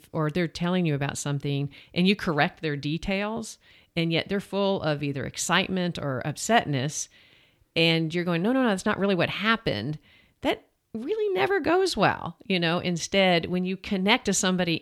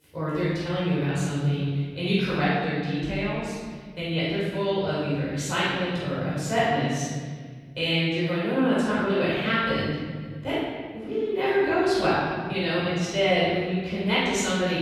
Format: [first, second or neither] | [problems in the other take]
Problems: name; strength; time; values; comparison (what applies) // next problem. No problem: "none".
first | off-mic speech; far // room echo; strong; dies away in 1.8 s